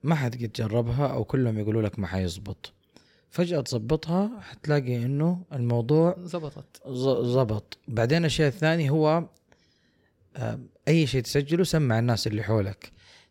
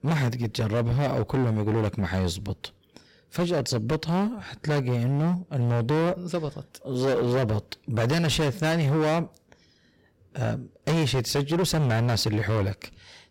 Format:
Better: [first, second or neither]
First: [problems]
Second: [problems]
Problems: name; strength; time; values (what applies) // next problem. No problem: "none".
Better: first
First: none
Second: distortion; heavy; 19% of the sound clipped